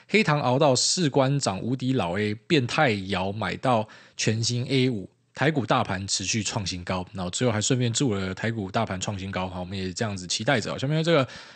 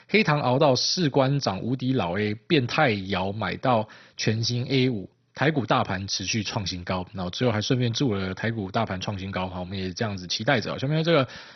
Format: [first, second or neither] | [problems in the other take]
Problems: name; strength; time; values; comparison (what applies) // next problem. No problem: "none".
first | garbled, watery; badly; nothing above 6 kHz; slightly in the first